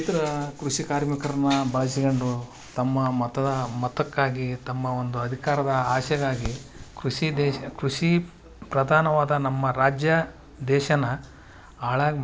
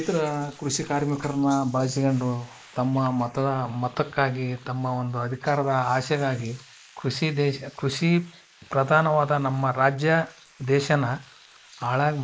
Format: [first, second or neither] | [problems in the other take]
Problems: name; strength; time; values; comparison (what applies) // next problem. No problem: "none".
first | noise reduction (neural mask model Resemble Enhance denoiser)